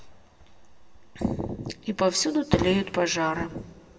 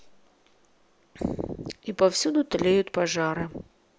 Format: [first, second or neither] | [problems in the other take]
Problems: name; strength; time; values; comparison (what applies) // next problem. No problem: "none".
second | background sound (Fireworks); 10 dB below the speech // room echo; dies away in 2.4 s